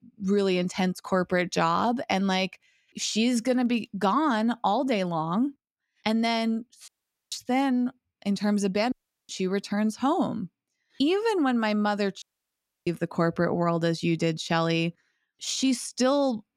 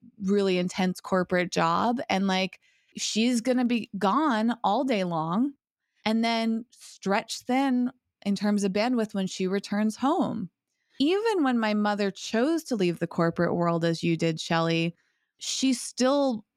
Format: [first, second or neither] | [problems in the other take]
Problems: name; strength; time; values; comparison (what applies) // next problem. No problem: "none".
second | audio cutting out; at 7 s, at 9 s and at 12 s for 0.5 s